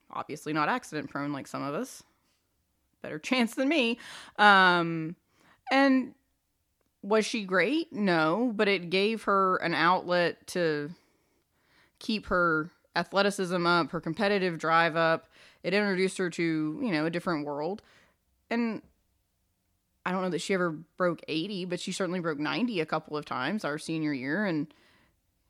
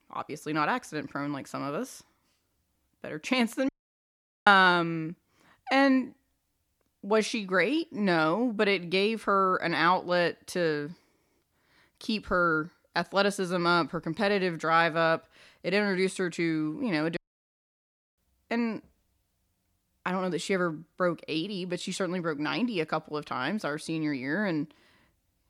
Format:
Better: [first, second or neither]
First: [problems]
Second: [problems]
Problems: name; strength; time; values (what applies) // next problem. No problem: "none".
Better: first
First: none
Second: audio cutting out; at 3.5 s for 1 s and at 17 s for 1 s